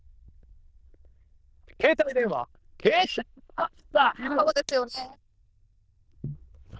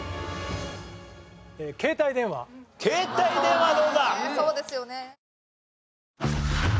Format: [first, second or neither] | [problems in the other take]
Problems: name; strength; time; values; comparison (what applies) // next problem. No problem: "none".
second | noise reduction (neural diffusion model UNIVERSE++)